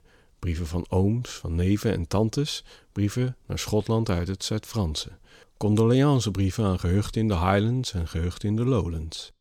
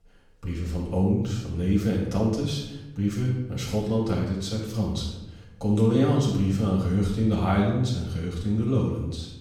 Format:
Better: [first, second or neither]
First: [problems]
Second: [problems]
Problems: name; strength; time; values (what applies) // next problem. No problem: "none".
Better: first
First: none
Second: off-mic speech; far // room echo; noticeable; dies away in 0.8 s